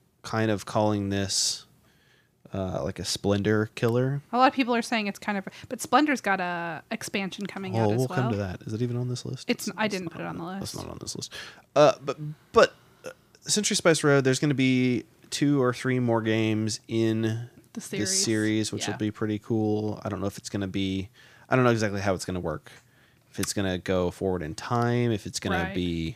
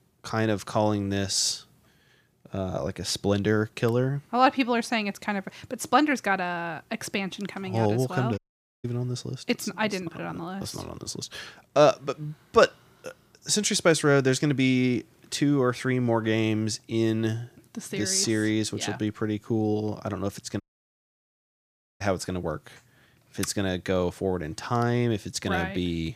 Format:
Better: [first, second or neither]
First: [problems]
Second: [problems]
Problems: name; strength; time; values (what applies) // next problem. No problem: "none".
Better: first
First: none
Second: audio cutting out; at 8.5 s and at 21 s for 1.5 s